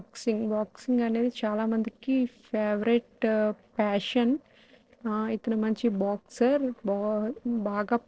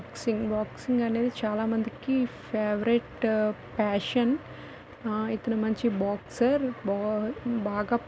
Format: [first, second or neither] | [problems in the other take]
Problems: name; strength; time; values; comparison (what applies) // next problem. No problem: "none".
second | noise reduction (neural separator model SepFormer DNS4)